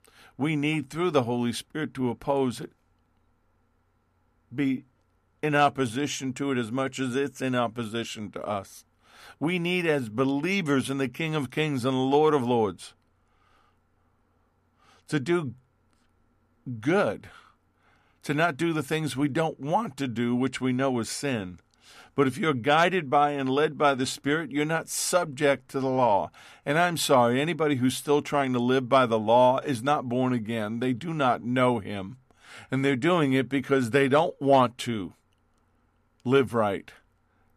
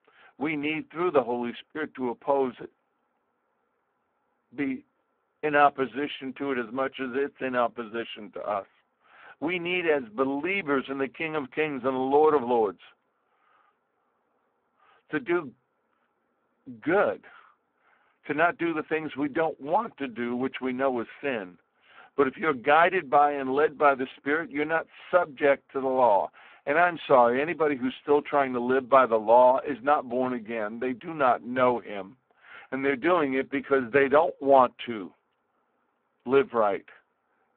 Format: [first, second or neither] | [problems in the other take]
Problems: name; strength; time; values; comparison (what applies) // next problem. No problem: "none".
first | phone-call audio; poor line